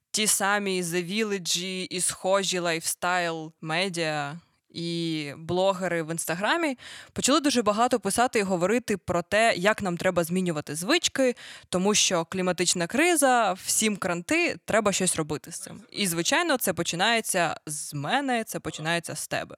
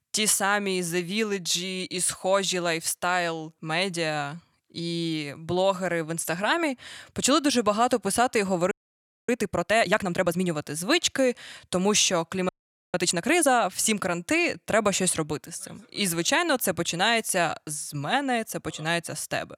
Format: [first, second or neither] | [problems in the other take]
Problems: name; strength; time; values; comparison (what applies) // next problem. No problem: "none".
first | audio freezing; at 8.5 s for 0.5 s and at 12 s